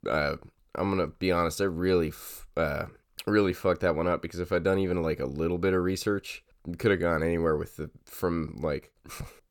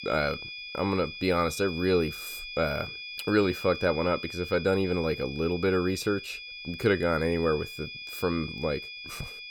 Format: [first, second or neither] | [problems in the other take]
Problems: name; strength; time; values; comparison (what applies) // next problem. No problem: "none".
first | high-pitched whine; loud; throughout; 2.5 kHz, 10 dB below the speech